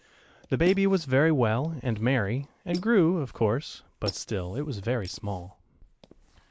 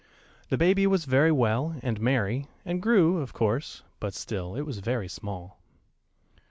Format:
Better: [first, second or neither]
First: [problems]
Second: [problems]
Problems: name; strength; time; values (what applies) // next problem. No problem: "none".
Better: second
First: noise reduction (neural mask model Resemble Enhance denoiser)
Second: none